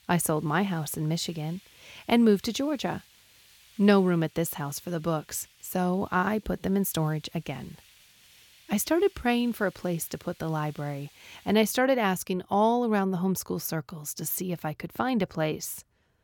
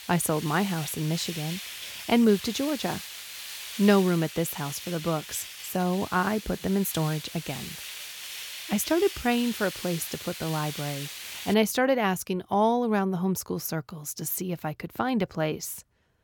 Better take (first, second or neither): first